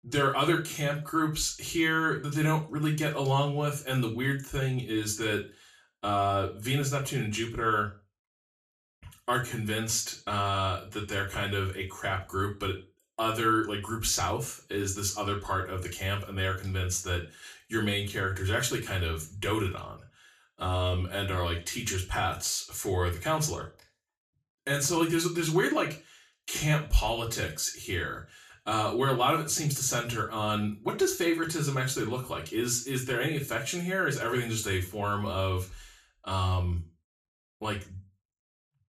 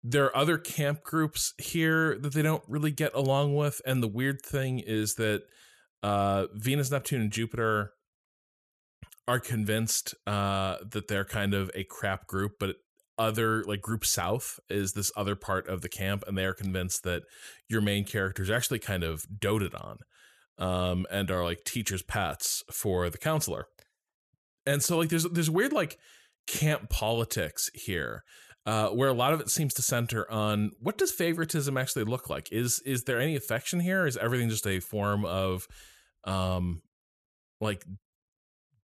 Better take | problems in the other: second | room echo; slight; dies away in 0.3 s // off-mic speech; far

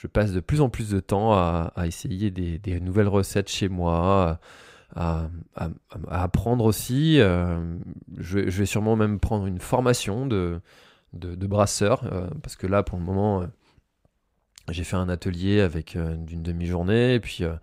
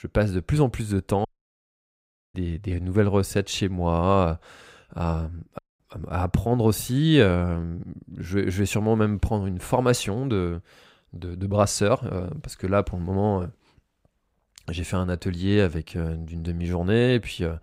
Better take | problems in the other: first | audio cutting out; at 1.5 s for 1 s and at 5.5 s

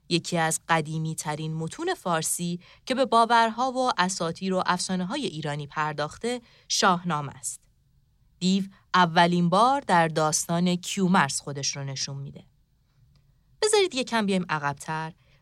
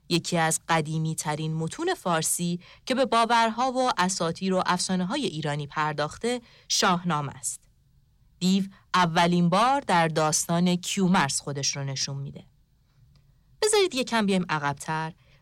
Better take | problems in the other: first | distortion; slight; 10 dB below the speech

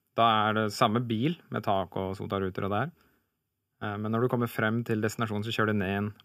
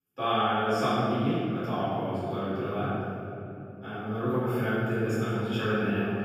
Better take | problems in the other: first | off-mic speech; far // room echo; strong; dies away in 3 s

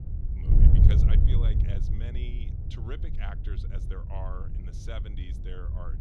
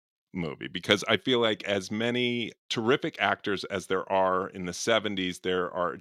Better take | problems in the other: second | wind noise on the microphone; heavy; 2 dB above the speech

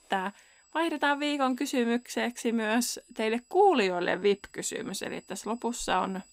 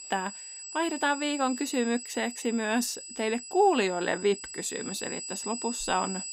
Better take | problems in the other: first | high-pitched whine; loud; throughout; 8 kHz, 9 dB below the speech; faint in the first

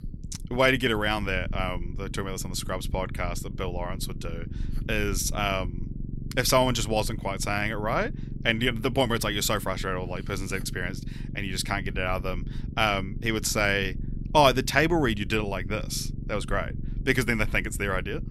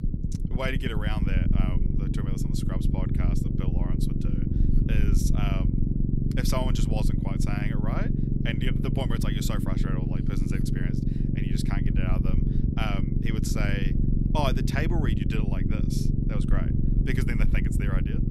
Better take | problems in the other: first | low rumble; loud; throughout; 1 dB below the speech; faint in the first

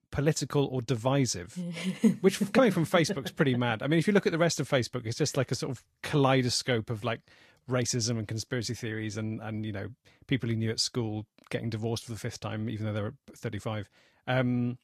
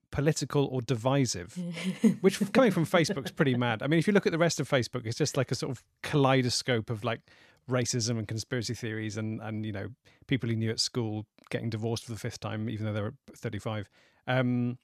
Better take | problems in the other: second | garbled, watery; slightly; nothing above 14 kHz

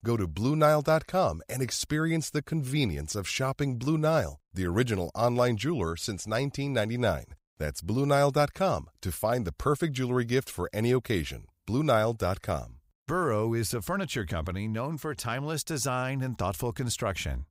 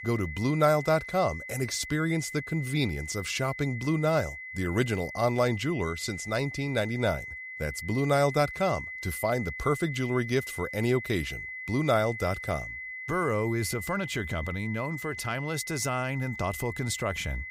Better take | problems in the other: first | high-pitched whine; loud; throughout; 2 kHz, 9 dB below the speech

